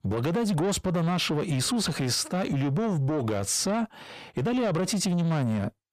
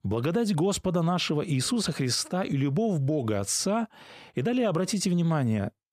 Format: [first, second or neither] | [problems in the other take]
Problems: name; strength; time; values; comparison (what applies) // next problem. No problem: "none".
second | distortion; slight; 10 dB below the speech